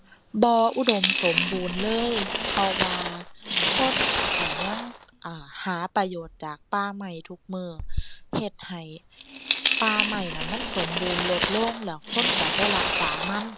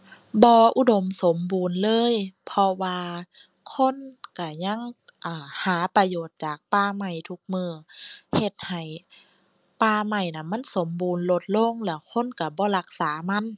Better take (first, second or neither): second